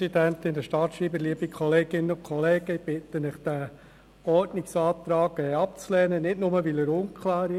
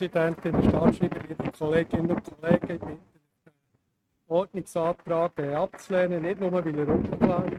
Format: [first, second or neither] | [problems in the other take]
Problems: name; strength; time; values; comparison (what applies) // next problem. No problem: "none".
first | noise reduction (neural mask model RNNoise)